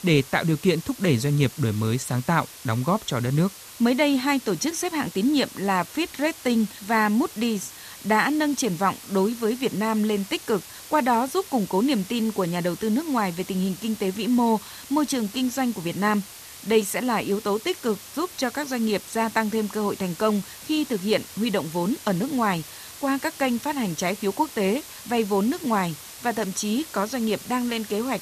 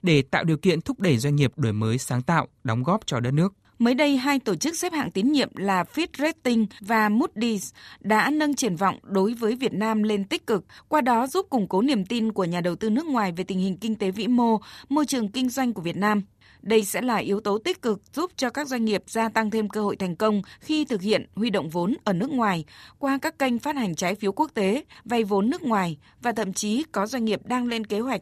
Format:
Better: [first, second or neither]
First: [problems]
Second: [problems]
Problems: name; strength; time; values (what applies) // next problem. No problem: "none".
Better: second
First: hiss; noticeable; throughout; 15 dB below the speech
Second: none